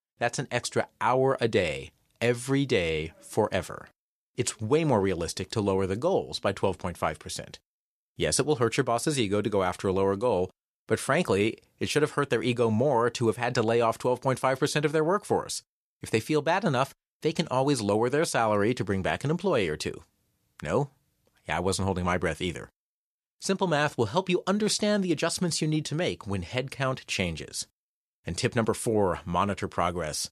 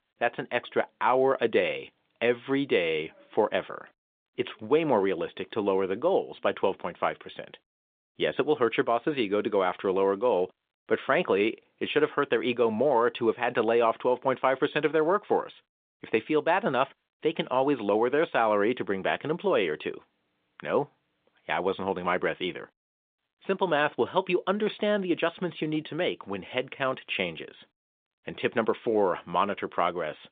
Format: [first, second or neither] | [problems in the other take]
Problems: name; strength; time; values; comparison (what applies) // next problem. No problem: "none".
first | phone-call audio; nothing above 3.5 kHz